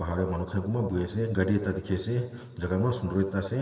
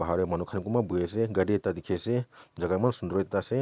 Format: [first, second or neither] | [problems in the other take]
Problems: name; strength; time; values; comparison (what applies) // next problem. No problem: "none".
second | room echo; dies away in 2.2 s